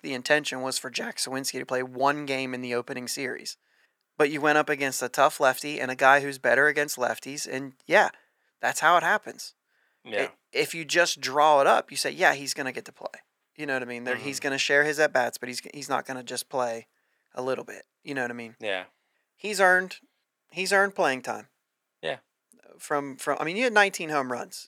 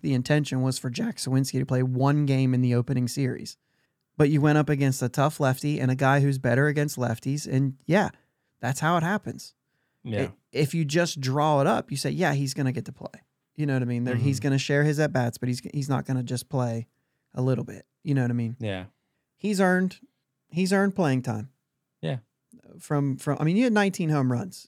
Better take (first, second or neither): second